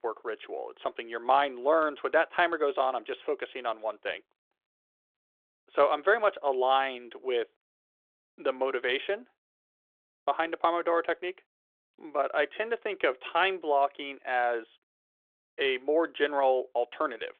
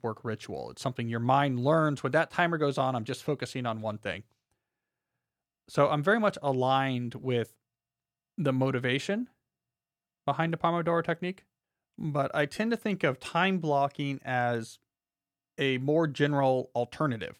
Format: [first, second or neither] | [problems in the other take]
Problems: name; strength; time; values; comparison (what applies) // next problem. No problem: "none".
second | phone-call audio; nothing above 3.5 kHz